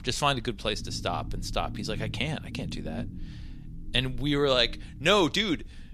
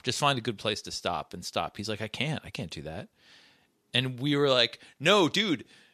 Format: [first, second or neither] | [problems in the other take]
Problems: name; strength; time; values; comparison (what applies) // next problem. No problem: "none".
second | low rumble; faint; throughout; 20 dB below the speech